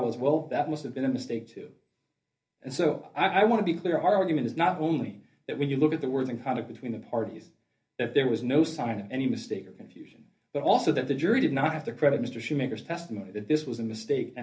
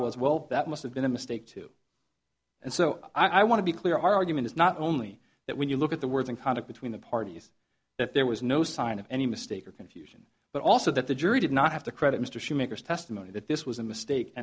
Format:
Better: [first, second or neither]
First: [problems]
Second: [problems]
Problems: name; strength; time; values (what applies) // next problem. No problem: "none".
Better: second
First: room echo; dies away in 0.3 s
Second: none